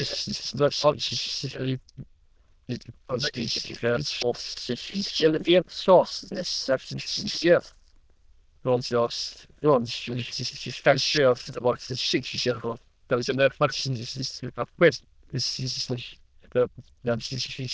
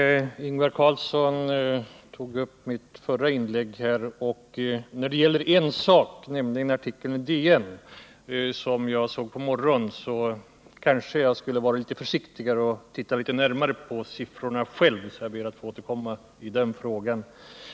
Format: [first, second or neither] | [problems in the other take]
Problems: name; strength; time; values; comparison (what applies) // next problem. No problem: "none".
second | noise reduction (neural diffusion model UNIVERSE++)